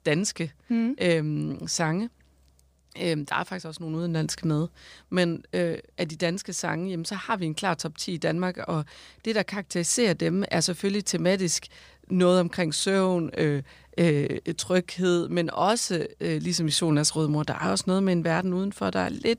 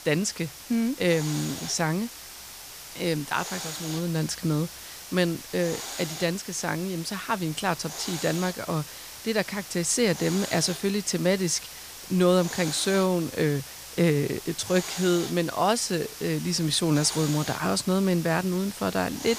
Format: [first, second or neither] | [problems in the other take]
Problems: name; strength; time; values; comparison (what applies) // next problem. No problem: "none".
first | hiss; noticeable; throughout; 10 dB below the speech